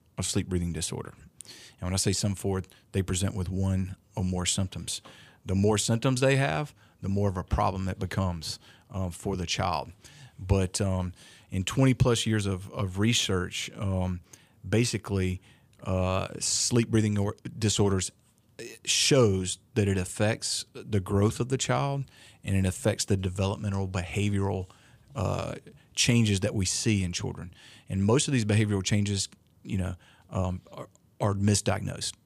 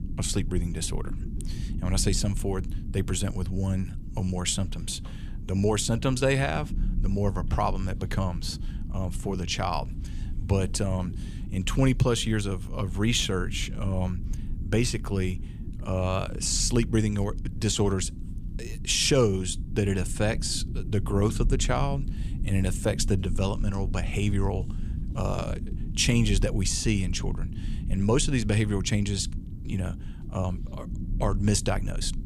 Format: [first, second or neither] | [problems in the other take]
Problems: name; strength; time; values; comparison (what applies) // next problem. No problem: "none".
first | low rumble; noticeable; throughout; 15 dB below the speech